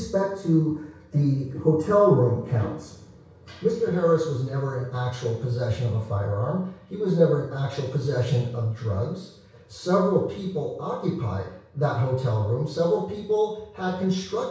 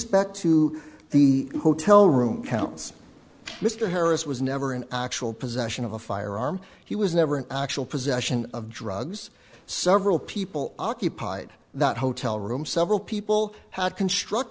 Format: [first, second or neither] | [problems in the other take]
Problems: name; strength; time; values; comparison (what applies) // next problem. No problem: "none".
second | room echo; dies away in 0.6 s